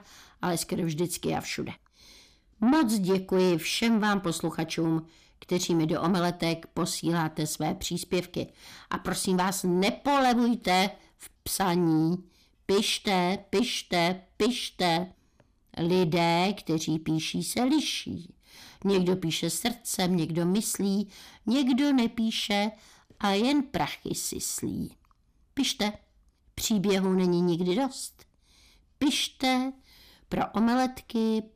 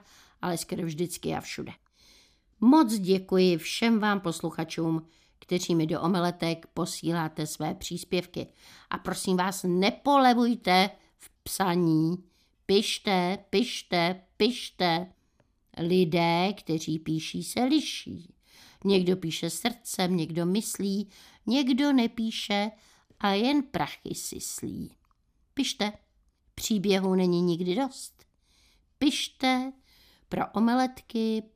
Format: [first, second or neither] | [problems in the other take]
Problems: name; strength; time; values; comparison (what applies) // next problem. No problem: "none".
second | distortion; slight; 10 dB below the speech